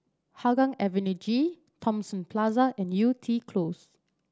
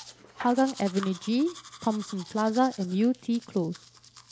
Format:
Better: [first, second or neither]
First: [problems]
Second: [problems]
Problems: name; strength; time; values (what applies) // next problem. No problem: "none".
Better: first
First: none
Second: background sound (Domestic sounds, home sounds); 17 dB below the speech